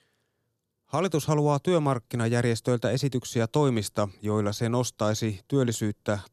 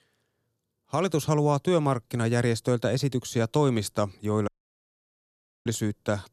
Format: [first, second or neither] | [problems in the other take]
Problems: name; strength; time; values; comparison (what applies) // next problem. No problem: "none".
first | audio cutting out; at 4.5 s for 1 s